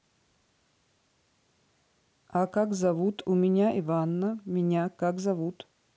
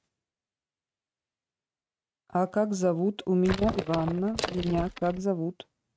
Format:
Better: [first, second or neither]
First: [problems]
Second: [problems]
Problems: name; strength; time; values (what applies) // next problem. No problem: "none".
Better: first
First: none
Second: noise reduction (neural mask model RNNoise)